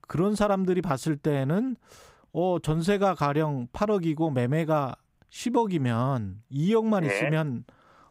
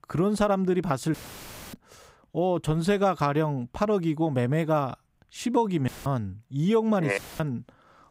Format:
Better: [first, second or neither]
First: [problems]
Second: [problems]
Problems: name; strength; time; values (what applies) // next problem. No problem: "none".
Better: first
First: none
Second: audio cutting out; filled with static; at 1 s for 0.5 s, at 6 s and at 7 s